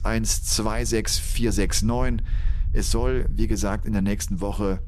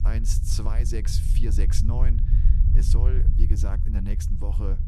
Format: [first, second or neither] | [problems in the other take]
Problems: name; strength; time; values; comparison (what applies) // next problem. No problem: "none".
first | low rumble; loud; throughout; 4 dB below the speech; faint in the first